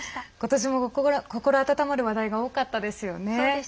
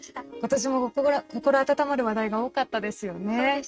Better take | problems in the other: first | noise reduction (neural mask model RNNoise)

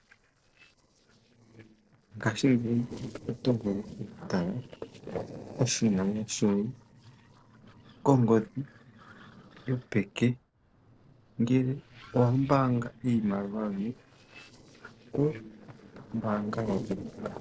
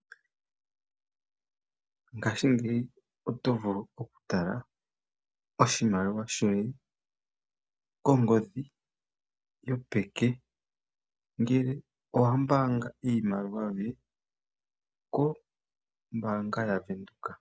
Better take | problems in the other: second | noise reduction (neural separator model SepFormer DNS4)

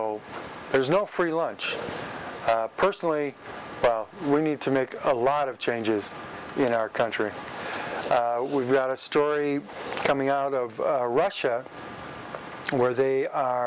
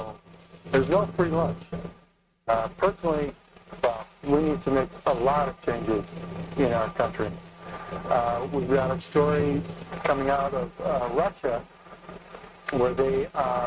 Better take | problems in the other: first | noise reduction (neural mask model RNNoise)

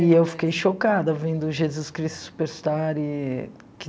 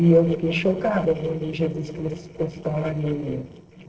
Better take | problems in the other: first | noise reduction (neural separator model SepFormer DNS4)

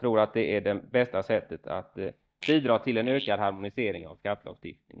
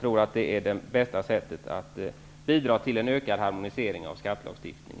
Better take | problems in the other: second | noise reduction (neural mask model DeepFilterNet 3)

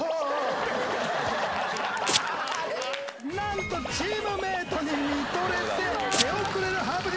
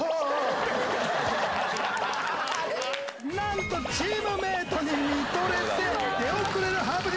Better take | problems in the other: second | background sound (Domestic sounds, home sounds); 2 dB below the speech

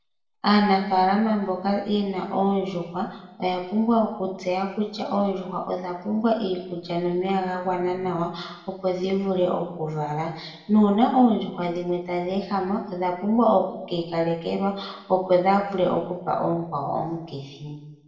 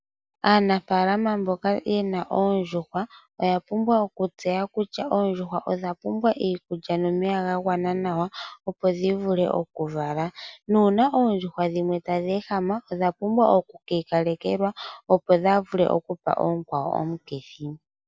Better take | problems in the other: second | room echo; dies away in 0.9 s

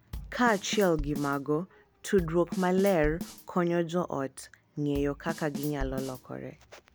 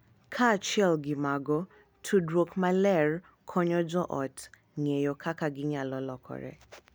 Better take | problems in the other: second | background sound (Bass drum / Snare drum / Drum kit); 11 dB below the speech

